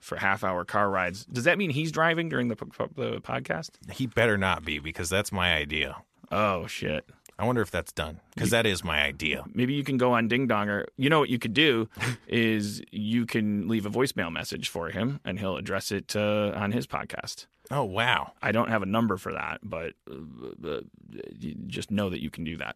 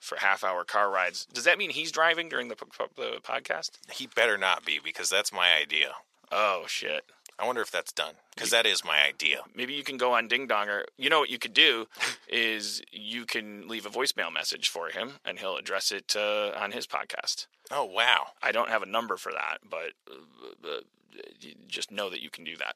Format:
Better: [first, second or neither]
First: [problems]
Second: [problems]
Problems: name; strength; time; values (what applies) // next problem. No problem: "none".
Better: first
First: none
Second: thin; very; fading below 600 Hz